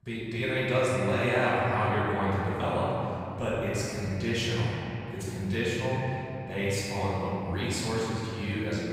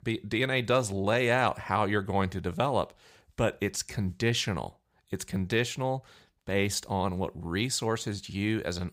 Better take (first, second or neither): second